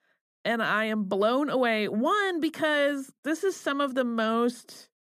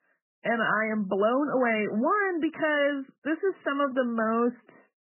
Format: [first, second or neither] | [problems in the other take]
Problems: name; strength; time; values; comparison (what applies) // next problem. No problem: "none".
first | garbled, watery; badly; nothing above 3 kHz